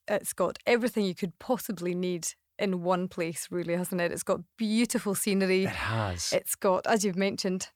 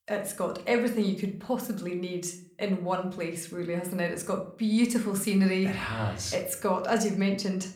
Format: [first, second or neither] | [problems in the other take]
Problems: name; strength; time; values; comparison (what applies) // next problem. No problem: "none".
first | room echo; slight; dies away in 0.4 s